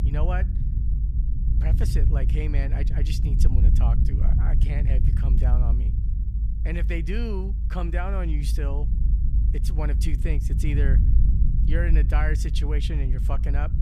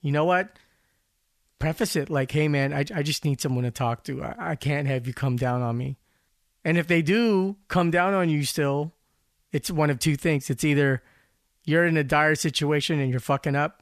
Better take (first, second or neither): second